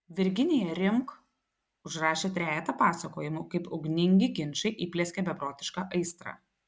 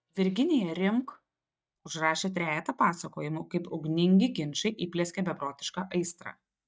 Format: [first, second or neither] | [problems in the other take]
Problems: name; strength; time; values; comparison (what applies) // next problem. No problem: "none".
first | noise reduction (neural mask model DeepFilterNet 3)